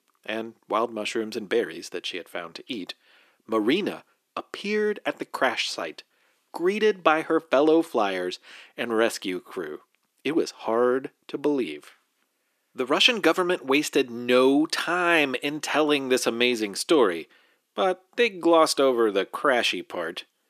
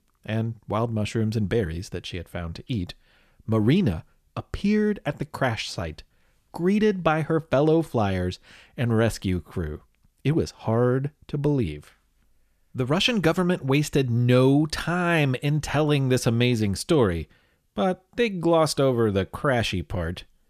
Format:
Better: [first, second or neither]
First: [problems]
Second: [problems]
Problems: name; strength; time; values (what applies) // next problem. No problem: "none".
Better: second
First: thin; somewhat; fading below 300 Hz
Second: none